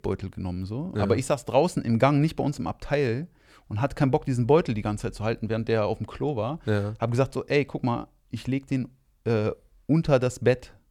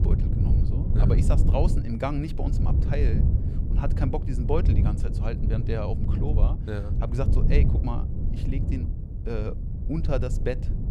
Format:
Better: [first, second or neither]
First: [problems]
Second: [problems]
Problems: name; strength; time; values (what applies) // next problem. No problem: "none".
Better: first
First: none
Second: wind noise on the microphone; heavy; 5 dB below the speech